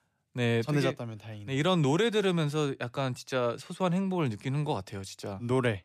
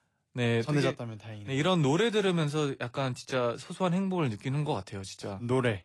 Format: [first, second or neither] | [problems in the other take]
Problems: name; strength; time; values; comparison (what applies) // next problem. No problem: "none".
first | garbled, watery; slightly